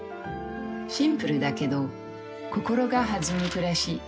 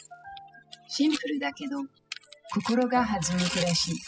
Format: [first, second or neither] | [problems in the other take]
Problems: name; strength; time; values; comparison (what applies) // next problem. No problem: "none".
first | noise reduction (classical method spectral subtraction)